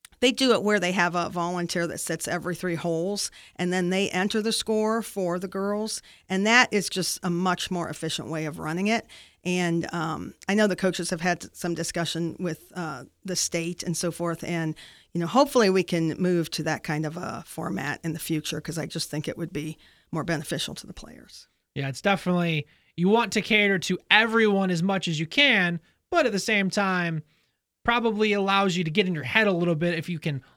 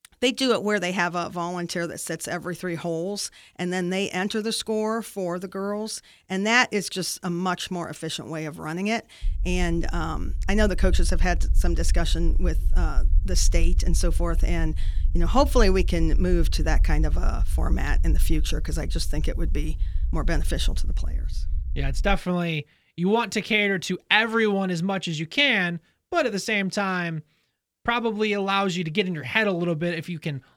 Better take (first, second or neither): first